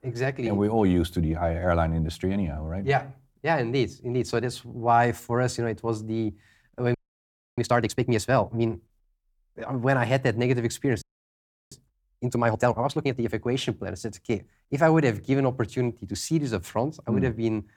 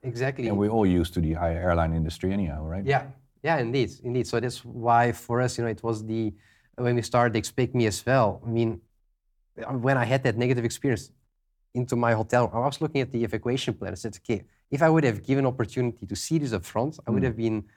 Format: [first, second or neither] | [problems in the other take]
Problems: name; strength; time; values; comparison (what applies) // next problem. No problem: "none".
second | audio freezing; at 7 s for 0.5 s and at 11 s for 0.5 s